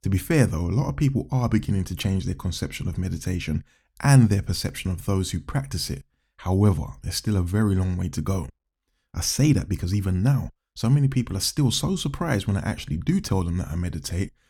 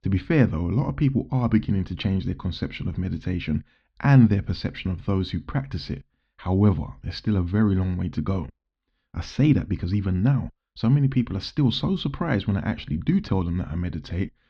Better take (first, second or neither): first